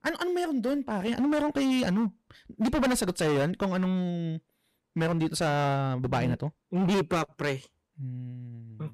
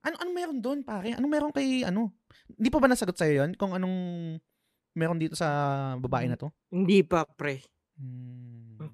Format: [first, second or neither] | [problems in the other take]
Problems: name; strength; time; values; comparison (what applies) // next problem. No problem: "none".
second | distortion; heavy; 13% of the sound clipped